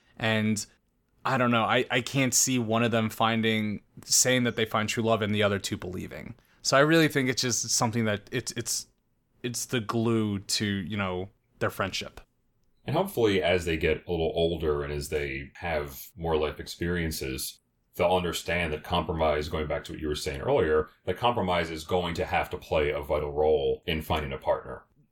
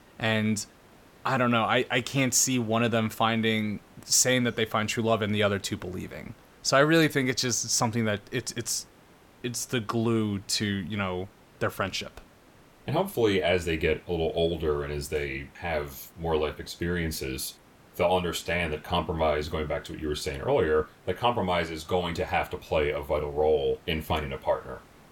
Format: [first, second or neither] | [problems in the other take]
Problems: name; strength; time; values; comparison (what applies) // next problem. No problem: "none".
first | hiss; faint; throughout; 30 dB below the speech